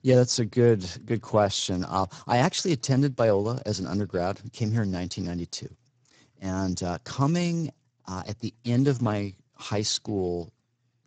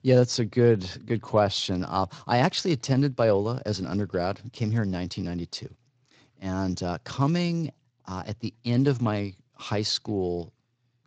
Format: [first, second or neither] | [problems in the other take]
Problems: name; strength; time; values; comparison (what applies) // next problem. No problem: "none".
second | garbled, watery; badly; nothing above 7.5 kHz; slightly in the second